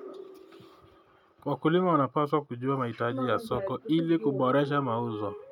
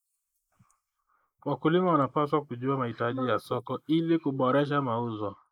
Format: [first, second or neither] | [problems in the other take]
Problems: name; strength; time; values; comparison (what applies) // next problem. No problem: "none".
first | noise reduction (neural mask model Resemble Enhance denoiser)